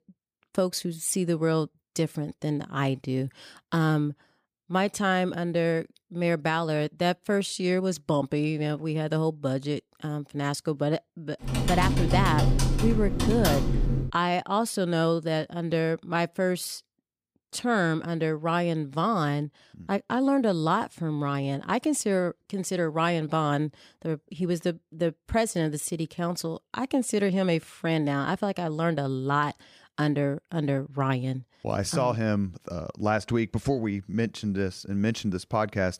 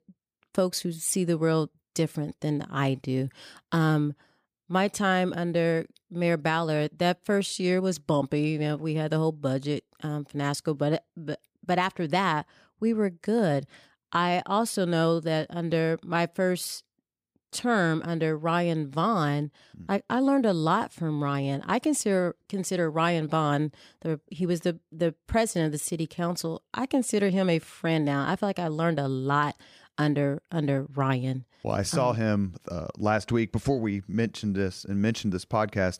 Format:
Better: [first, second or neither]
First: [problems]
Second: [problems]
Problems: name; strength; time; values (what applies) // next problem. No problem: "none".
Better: second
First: keyboard typing; loud; from 11 to 14 s; peak 4 dB above the speech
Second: none